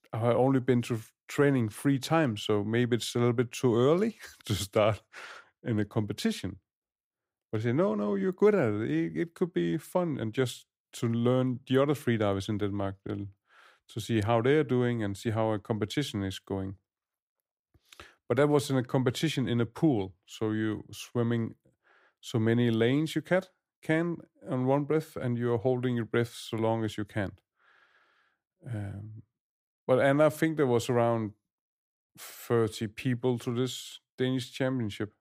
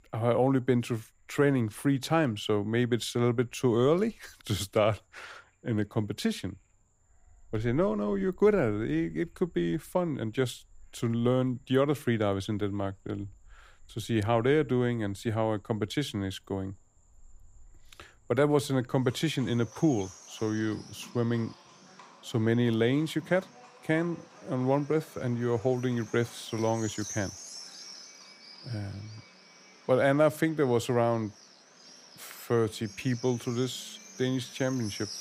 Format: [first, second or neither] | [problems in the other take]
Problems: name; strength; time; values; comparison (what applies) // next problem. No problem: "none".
first | animal sounds; noticeable; throughout; 20 dB below the speech